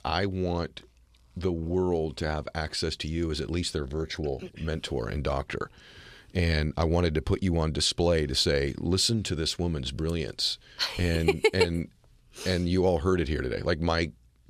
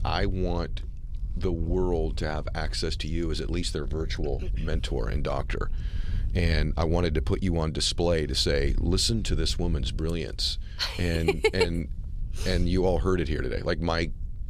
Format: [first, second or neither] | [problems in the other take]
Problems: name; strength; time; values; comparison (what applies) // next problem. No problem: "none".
first | wind noise on the microphone; occasional gusts; 25 dB below the speech